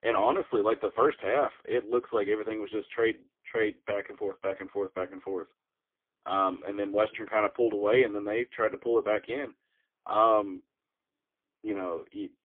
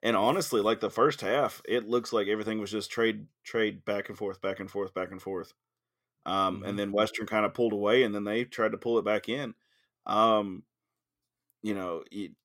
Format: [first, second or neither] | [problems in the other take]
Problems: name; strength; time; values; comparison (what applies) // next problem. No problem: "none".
second | phone-call audio; poor line; nothing above 3.5 kHz